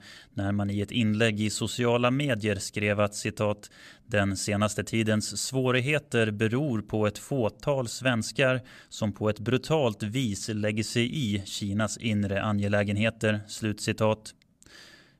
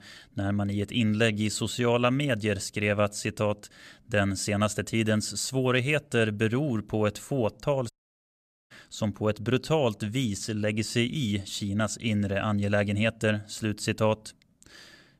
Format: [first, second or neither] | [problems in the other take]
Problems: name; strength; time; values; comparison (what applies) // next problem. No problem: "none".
first | audio cutting out; at 8 s for 1 s